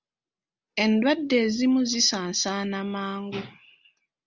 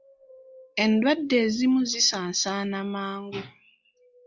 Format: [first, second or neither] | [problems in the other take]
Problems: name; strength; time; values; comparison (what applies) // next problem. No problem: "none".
first | noise reduction (classical method log-MMSE)